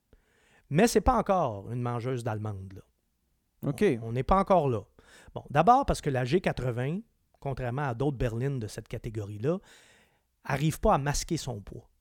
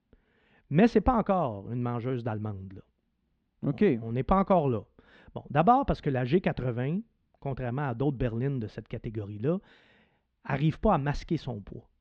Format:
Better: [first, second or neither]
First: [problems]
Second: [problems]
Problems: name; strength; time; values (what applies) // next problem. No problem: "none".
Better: first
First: none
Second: muffled; slightly; fading above 4 kHz